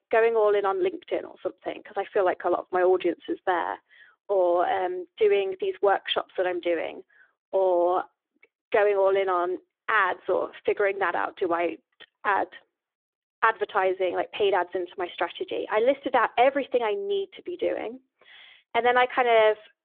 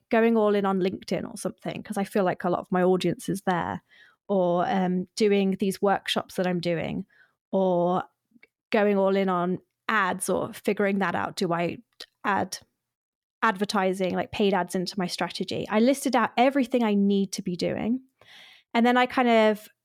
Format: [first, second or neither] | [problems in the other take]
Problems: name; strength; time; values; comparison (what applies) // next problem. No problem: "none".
second | phone-call audio; nothing above 3.5 kHz